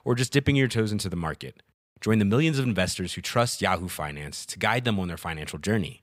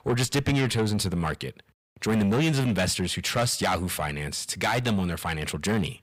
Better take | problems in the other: first | distortion; heavy; 7 dB below the speech

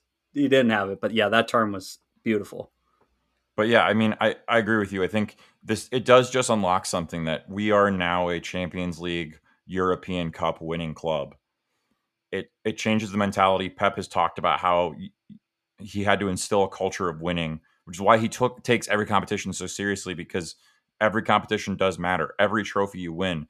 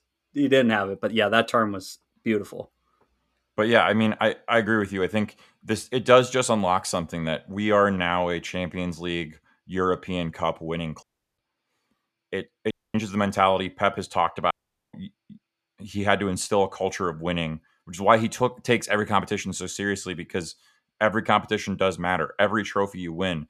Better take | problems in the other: first | audio cutting out; at 11 s, at 13 s and at 15 s

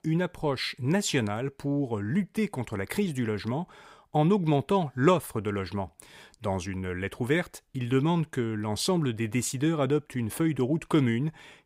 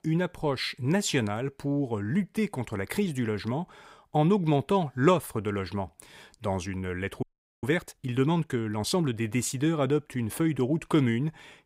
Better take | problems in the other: first | audio freezing; at 7 s

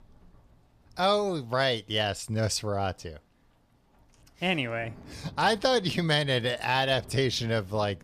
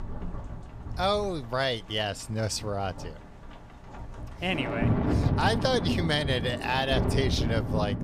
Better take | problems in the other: first | rain or running water; loud; throughout; 2 dB below the speech; faint in the first

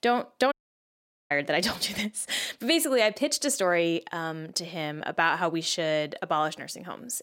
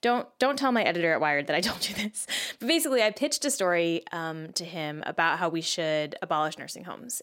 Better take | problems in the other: second | audio cutting out; at 0.5 s for 1 s

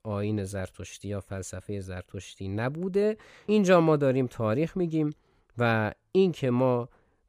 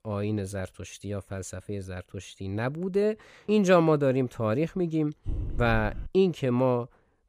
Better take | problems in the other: first | dog barking; noticeable; at 5.5 s; peak 8 dB below the speech

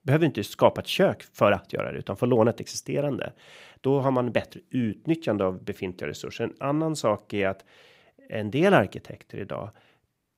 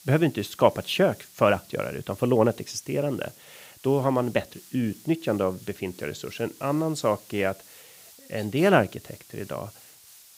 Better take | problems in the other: first | hiss; faint; throughout; 20 dB below the speech

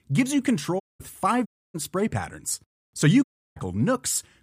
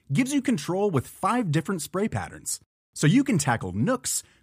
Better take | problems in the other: second | audio cutting out; at 1 s, at 1.5 s and at 3 s

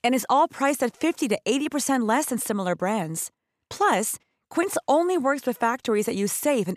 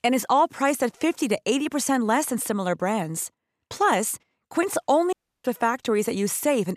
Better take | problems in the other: first | audio cutting out; at 5 s

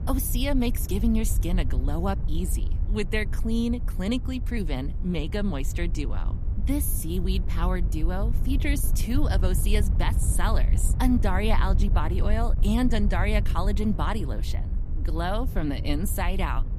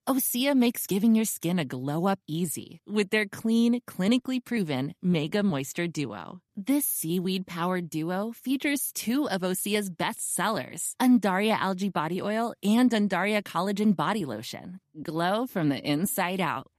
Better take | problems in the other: second | wind noise on the microphone; occasional gusts; 15 dB below the speech

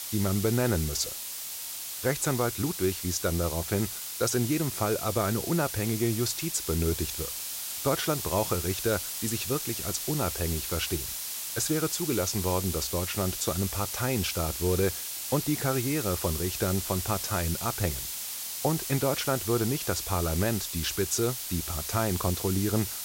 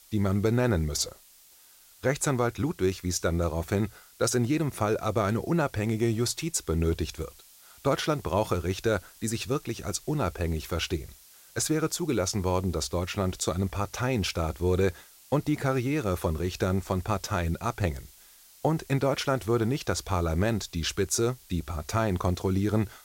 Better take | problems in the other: second | hiss; loud; throughout; 3 dB below the speech; faint in the second

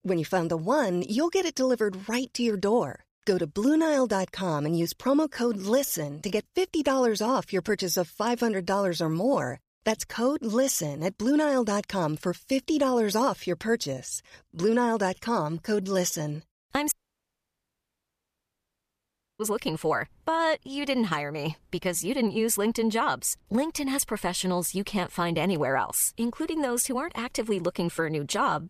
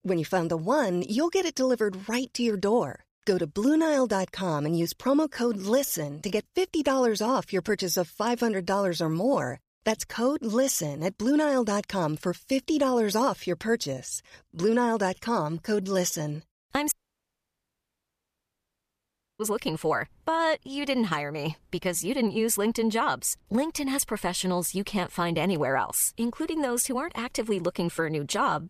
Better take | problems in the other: neither | audio cutting out; at 17 s for 2.5 s; the same in both

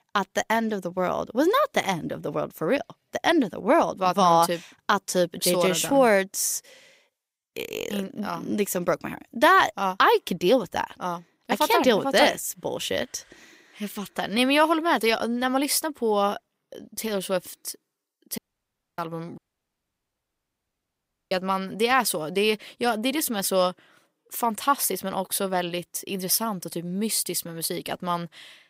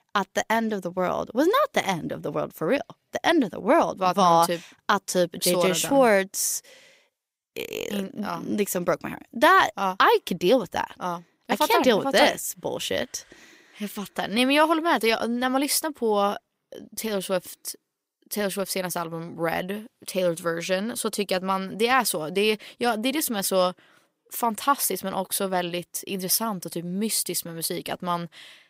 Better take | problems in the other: second | audio cutting out; at 18 s for 0.5 s and at 19 s for 2 s

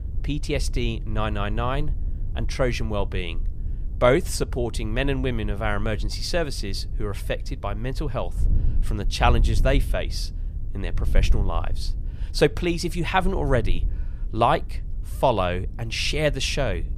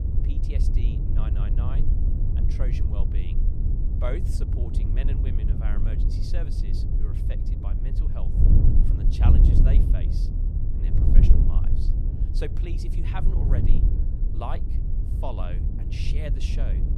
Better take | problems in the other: first | wind noise on the microphone; heavy; as loud as the speech; occasional gusts in the first

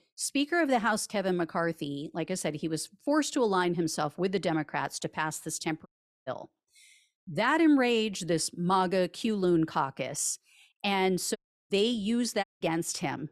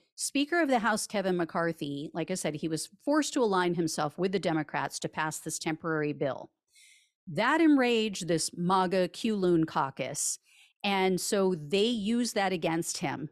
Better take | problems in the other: second | audio cutting out; at 6 s, at 11 s and at 12 s

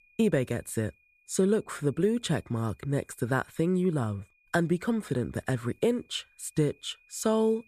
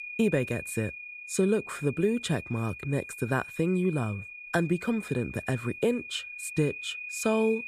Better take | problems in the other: first | high-pitched whine; loud; throughout; 2.5 kHz, 10 dB below the speech; faint in the first

